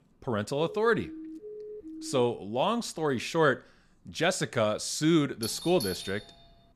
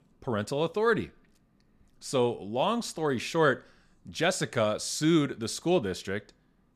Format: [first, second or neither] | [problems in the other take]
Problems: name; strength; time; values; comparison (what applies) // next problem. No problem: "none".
second | siren; faint; from 0.5 to 2 s; peak 15 dB below the speech // doorbell; noticeable; from 5.5 s on; peak 8 dB below the speech